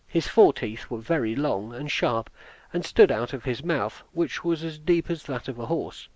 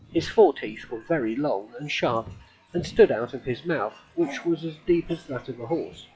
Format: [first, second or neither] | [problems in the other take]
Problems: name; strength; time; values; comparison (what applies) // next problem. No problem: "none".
first | noise reduction (classical method log-MMSE)